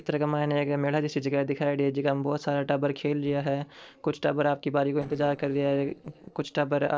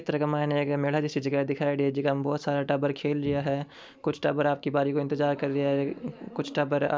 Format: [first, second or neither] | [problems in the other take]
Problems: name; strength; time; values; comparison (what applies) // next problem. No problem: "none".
second | noise reduction (neural separator model SepFormer DNS4)